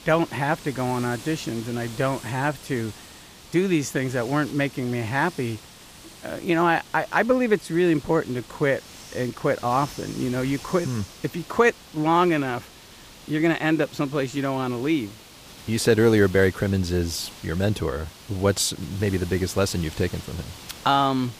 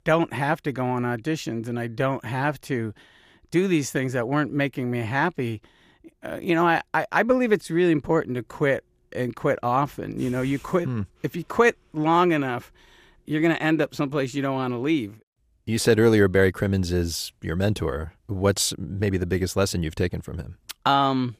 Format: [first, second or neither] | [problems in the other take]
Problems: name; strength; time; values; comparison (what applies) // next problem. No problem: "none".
second | hiss; noticeable; throughout; 20 dB below the speech